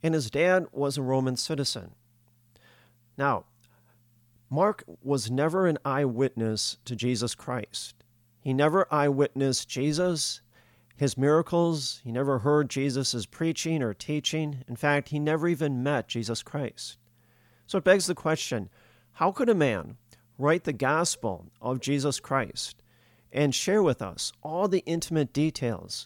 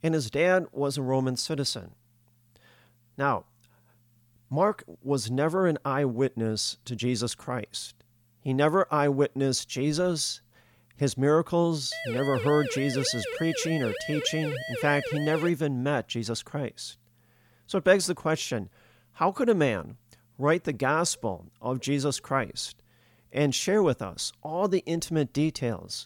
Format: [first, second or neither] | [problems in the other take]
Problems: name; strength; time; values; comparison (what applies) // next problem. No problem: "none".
first | siren; noticeable; from 12 to 16 s; peak 6 dB below the speech